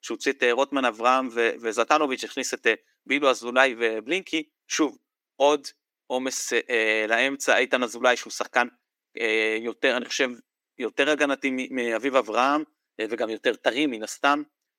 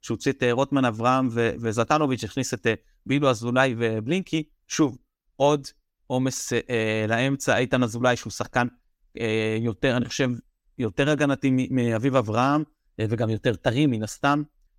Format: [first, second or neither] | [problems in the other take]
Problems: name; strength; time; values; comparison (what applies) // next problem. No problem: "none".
second | thin; somewhat; fading below 300 Hz